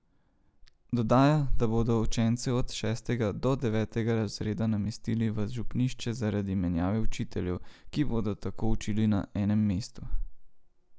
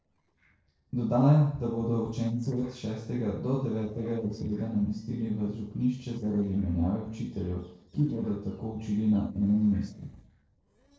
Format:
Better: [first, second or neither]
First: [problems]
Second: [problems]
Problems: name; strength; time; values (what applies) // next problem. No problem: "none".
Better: first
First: none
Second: noise reduction (neural separator model SepFormer DNS4)